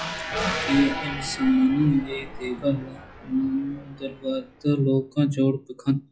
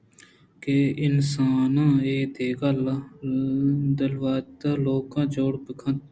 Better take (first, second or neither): second